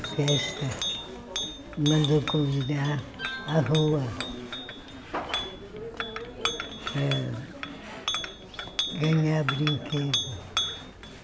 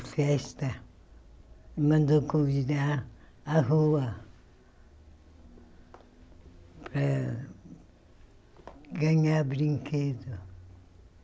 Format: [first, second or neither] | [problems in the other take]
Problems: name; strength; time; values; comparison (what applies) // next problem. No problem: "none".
second | background sound (Chink, clink); 5 dB below the speech